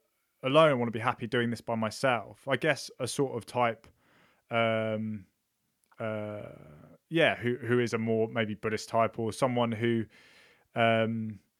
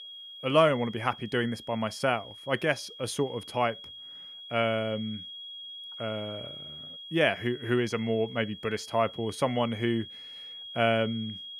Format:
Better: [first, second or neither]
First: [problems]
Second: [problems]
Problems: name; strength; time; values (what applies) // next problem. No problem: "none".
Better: first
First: none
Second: high-pitched whine; noticeable; throughout; 3.5 kHz, 15 dB below the speech